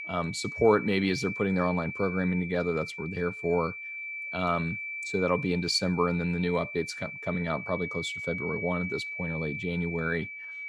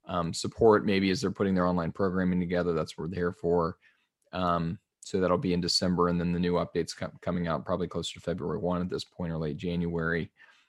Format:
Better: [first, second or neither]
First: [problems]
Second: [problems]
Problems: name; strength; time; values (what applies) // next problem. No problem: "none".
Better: second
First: high-pitched whine; loud; throughout; 2.5 kHz, 6 dB below the speech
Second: none